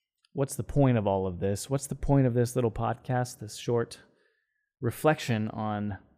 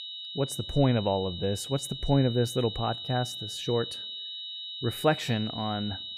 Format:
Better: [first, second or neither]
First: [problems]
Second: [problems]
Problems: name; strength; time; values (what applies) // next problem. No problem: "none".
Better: first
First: none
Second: high-pitched whine; loud; throughout; 4 kHz, 7 dB below the speech